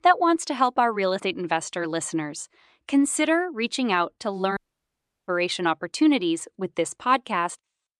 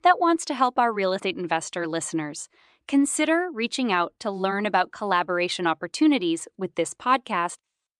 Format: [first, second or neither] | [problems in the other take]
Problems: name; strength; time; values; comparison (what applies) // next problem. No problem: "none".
second | audio cutting out; at 4.5 s for 0.5 s